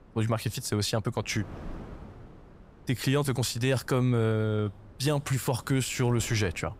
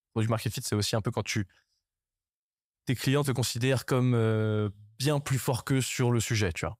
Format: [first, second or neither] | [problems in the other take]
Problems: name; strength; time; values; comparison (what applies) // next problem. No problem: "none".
second | wind noise on the microphone; occasional gusts; 20 dB below the speech